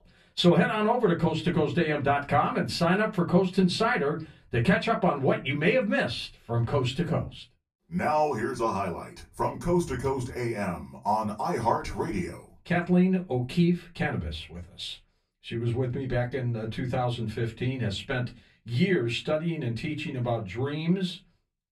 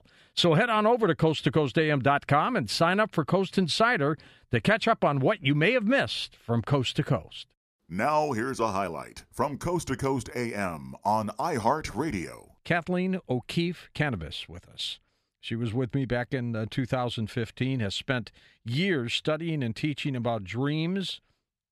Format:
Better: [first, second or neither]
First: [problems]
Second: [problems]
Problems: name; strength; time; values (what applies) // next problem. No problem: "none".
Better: second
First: off-mic speech; far // room echo; very slight; dies away in 0.2 s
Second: none